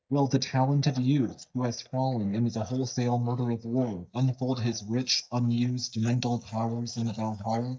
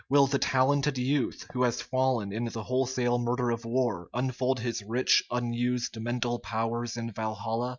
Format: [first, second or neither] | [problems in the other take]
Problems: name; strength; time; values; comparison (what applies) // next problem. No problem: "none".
second | noise reduction (neural mask model DeepFilterNet 3)